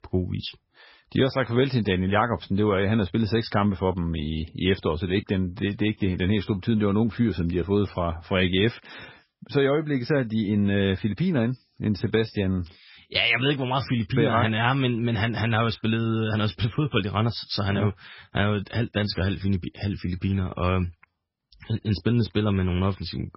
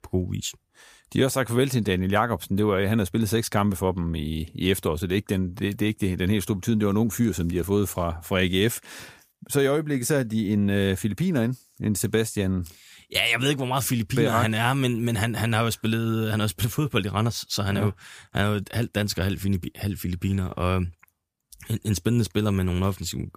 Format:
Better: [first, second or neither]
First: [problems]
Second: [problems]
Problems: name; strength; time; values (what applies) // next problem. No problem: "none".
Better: second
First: garbled, watery; badly; nothing above 5.5 kHz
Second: none